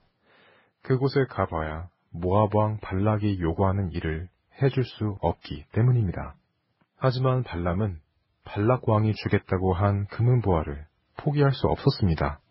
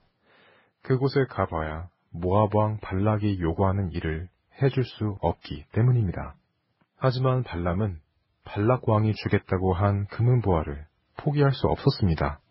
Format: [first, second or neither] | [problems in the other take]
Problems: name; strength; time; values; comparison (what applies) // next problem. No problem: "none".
neither | garbled, watery; badly; nothing above 5.5 kHz; the same in both